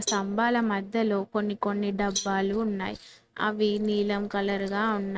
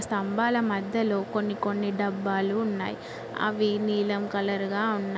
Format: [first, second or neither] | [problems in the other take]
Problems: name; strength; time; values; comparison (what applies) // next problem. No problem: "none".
second | noise reduction (neural mask model RNNoise)